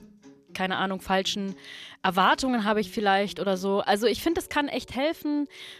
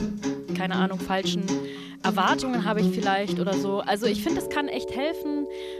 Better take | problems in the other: first | background music; loud; throughout; 3 dB below the speech; faint in the first

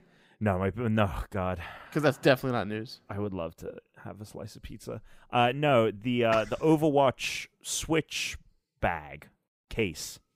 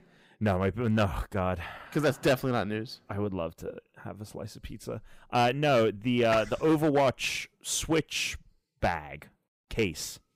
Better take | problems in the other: first | distortion; slight; 3% of the sound clipped

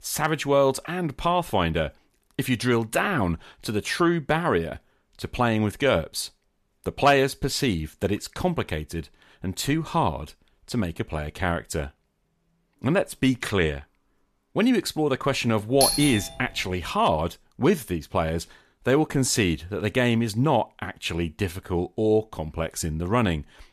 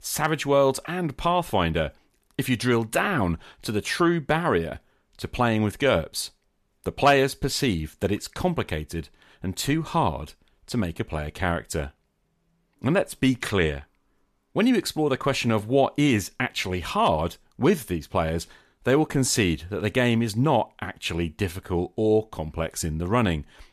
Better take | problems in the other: second | doorbell; loud; at 16 s; peak 3 dB above the speech

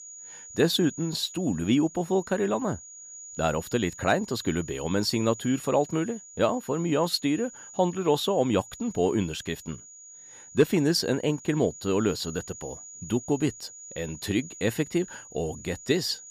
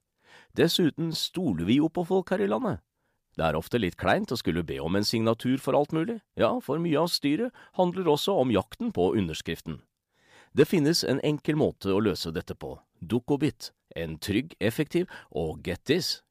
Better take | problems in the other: second | high-pitched whine; noticeable; throughout; 7 kHz, 15 dB below the speech

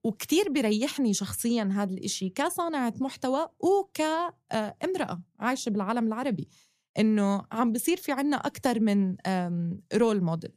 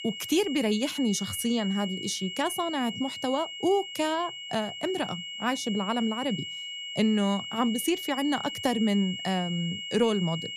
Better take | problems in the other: first | high-pitched whine; loud; throughout; 3 kHz, 7 dB below the speech

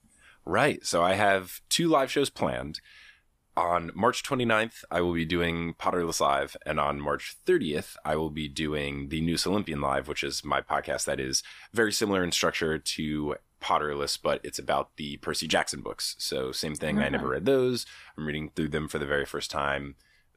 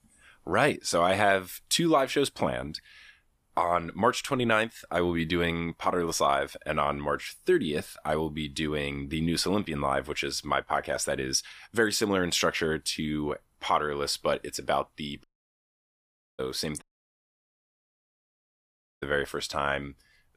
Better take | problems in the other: first | audio cutting out; at 15 s for 1 s and at 17 s for 2 s

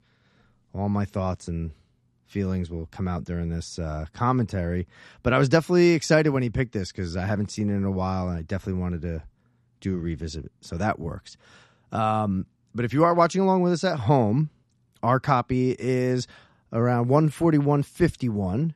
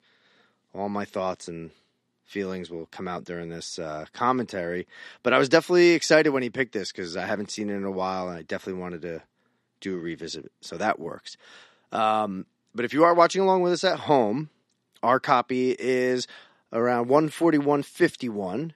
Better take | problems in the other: first | thin; somewhat; fading below 350 Hz

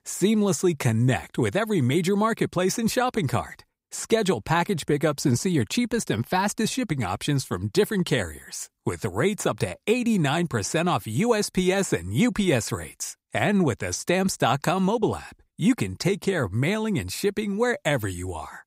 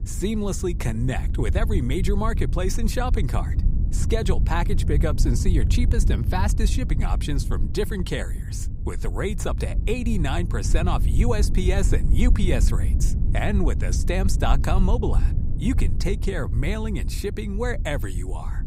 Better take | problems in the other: first | wind noise on the microphone; occasional gusts; 10 dB below the speech

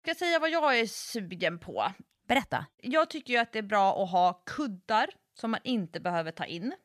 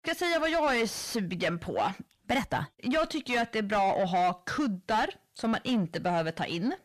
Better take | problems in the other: first | distortion; heavy; 7 dB below the speech

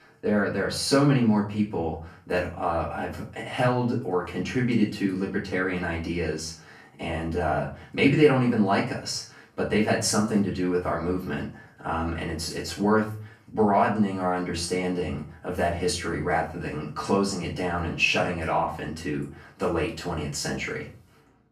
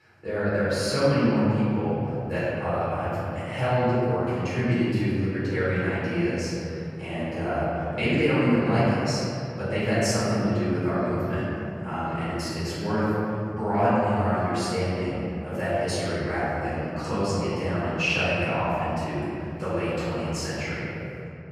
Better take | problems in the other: first | room echo; strong; dies away in 3 s; slight in the first // off-mic speech; far; far in the first

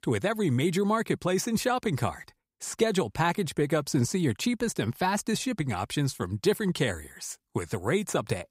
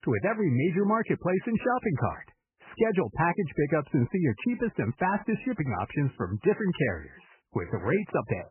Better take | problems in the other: first | garbled, watery; badly; nothing above 3 kHz

